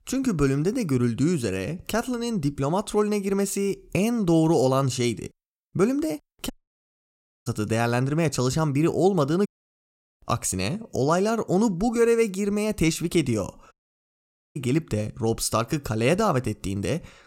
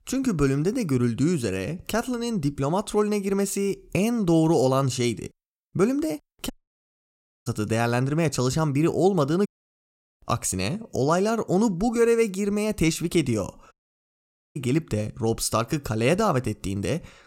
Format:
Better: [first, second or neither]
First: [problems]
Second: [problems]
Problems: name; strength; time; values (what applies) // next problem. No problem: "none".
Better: neither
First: audio cutting out; at 6.5 s for 1 s, at 9.5 s for 0.5 s and at 14 s for 1 s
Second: audio cutting out; at 6.5 s for 1 s, at 9.5 s for 0.5 s and at 14 s for 1 s